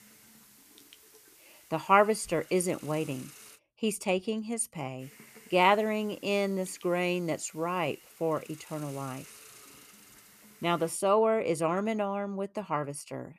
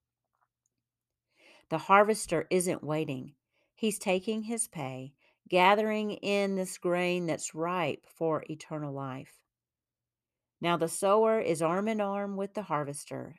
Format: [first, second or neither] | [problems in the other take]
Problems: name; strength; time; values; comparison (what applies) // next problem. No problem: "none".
second | hiss; faint; until 3.5 s and from 5 to 11 s; 20 dB below the speech